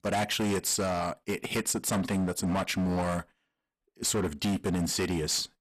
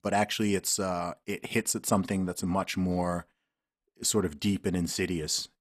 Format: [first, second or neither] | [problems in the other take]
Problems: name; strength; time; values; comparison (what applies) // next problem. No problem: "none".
second | distortion; heavy; 20% of the sound clipped